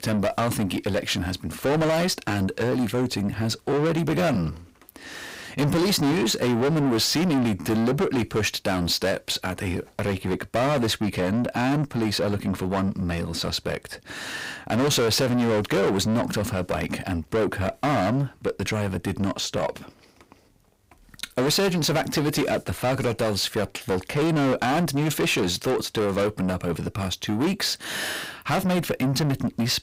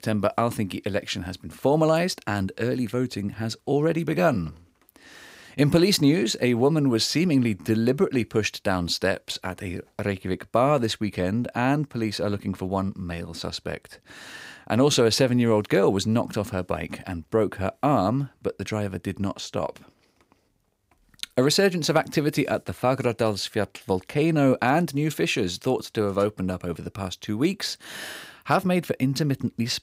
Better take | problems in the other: second | distortion; heavy; 6 dB below the speech

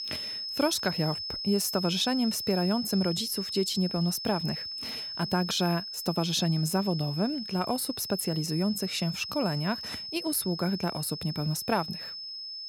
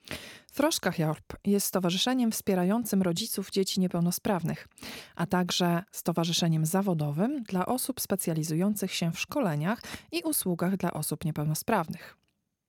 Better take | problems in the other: second | high-pitched whine; loud; throughout; 5 kHz, 5 dB below the speech

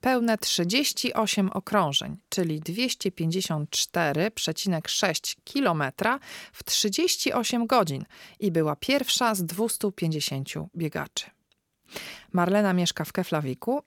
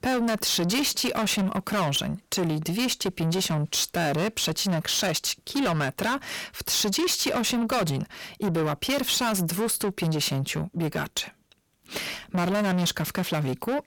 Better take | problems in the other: first | distortion; heavy; 6 dB below the speech

